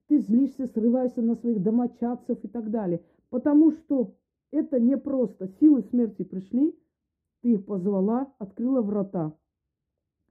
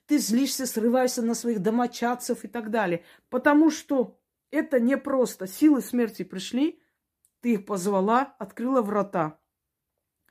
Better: second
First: muffled; very; fading above 1 kHz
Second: none

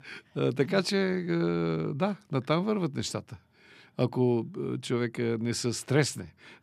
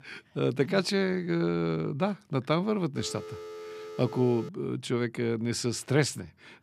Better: first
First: none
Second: phone ringing; faint; from 3 to 4.5 s; peak 15 dB below the speech

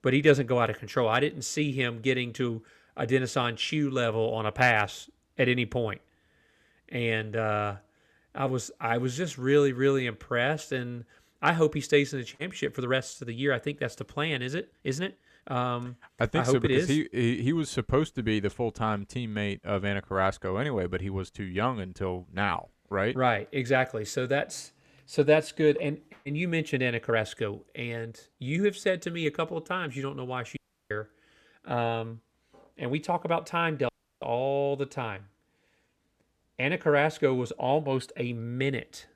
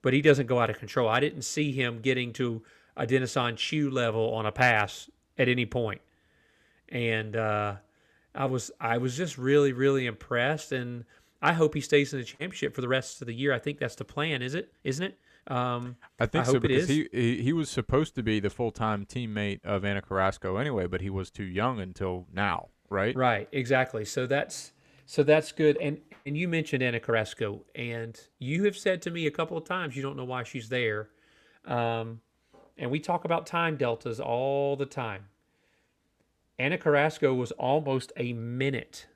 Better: second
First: audio cutting out; at 31 s and at 34 s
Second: none

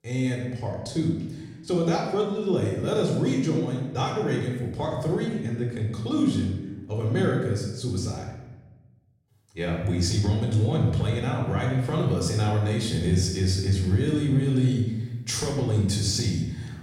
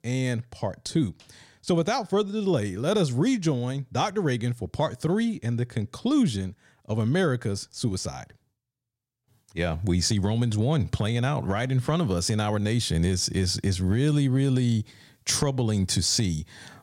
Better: second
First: off-mic speech; somewhat distant // room echo; noticeable; dies away in 0.9 s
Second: none

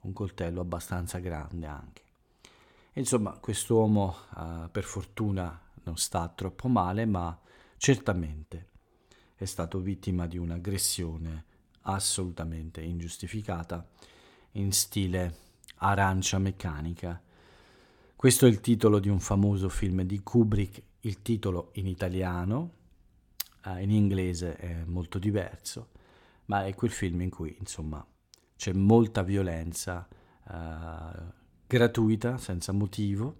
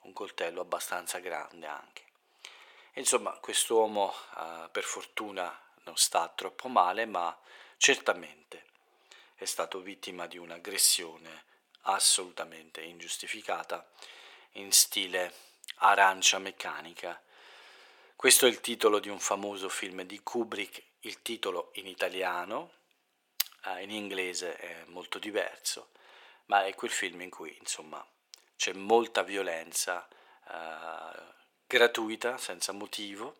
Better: first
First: none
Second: thin; very; fading below 500 Hz

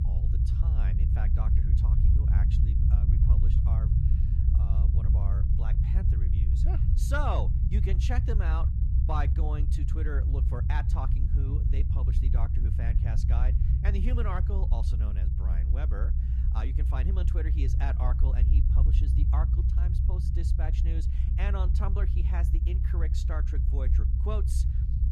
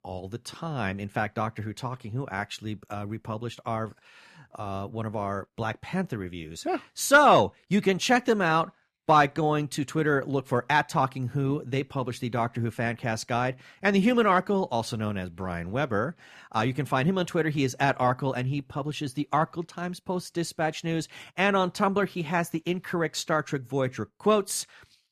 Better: second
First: low rumble; loud; throughout; 3 dB below the speech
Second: none

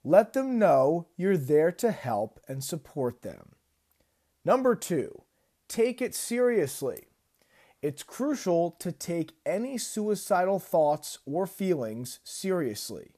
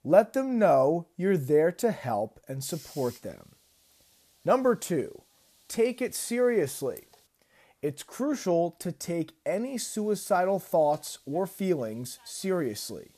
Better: first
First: none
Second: hiss; faint; from 2.5 to 7.5 s and from 9.5 s on; 25 dB below the speech

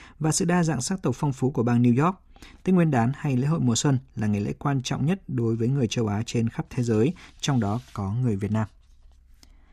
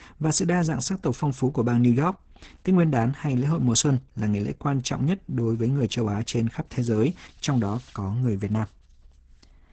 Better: first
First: none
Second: garbled, watery; badly; nothing above 8 kHz

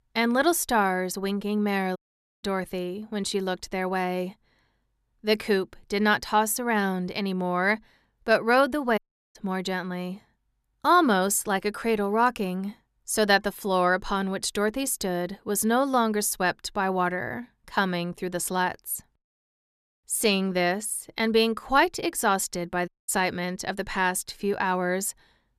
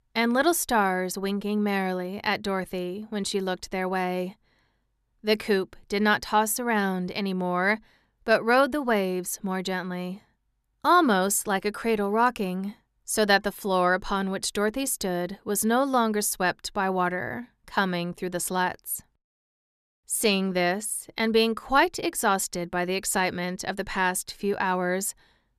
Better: second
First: audio cutting out; at 2 s, at 9 s and at 23 s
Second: none

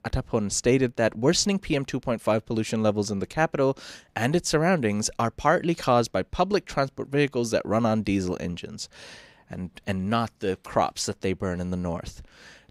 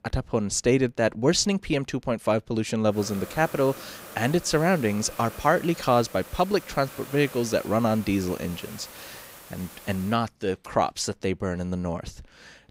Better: first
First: none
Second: hiss; noticeable; from 3 to 10 s; 15 dB below the speech

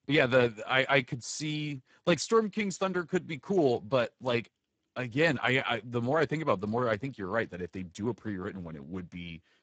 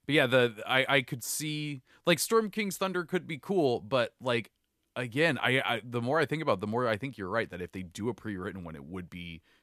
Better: second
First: garbled, watery; badly; nothing above 8 kHz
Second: none

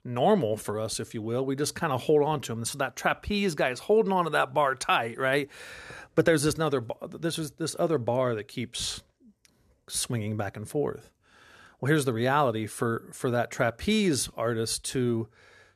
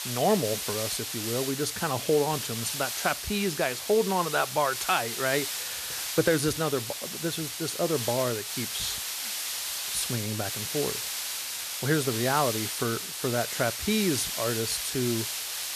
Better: first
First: none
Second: hiss; loud; throughout; 2 dB below the speech

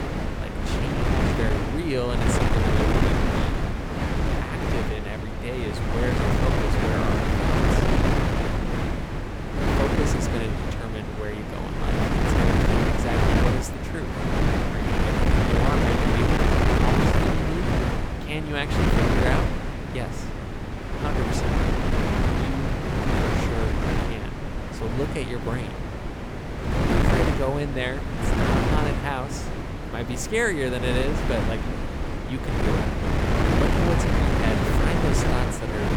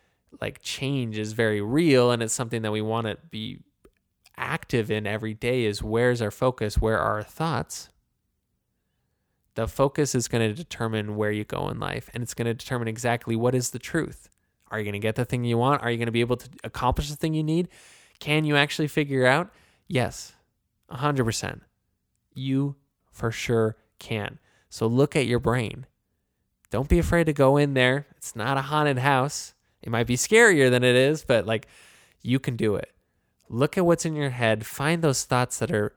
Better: second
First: wind noise on the microphone; heavy; 4 dB above the speech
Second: none

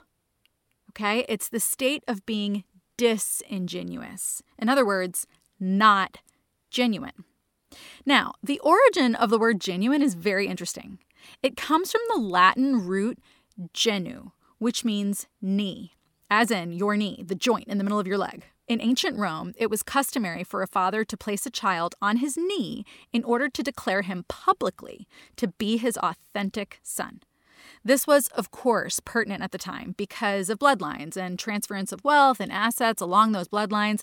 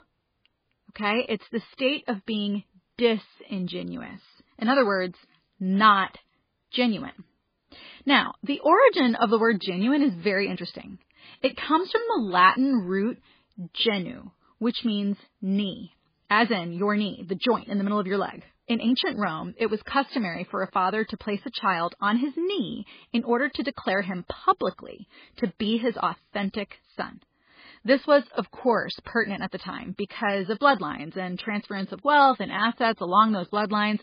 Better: first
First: none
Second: garbled, watery; badly; nothing above 4.5 kHz

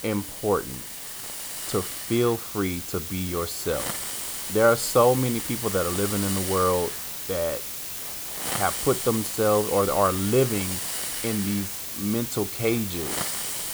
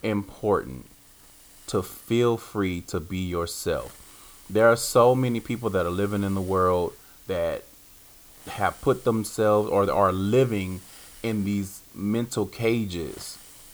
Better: second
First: hiss; loud; throughout; 4 dB below the speech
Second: hiss; faint; throughout; 20 dB below the speech

